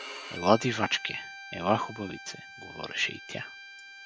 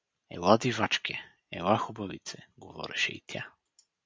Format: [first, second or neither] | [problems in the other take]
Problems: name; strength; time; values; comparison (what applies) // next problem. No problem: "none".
second | background sound (Bowed string instrument); 13 dB below the speech